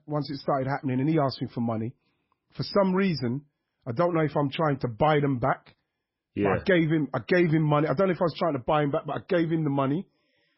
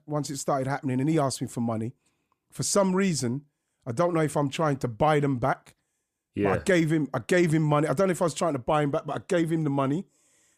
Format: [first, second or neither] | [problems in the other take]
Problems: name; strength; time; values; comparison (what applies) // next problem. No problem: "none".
second | garbled, watery; badly; nothing above 5.5 kHz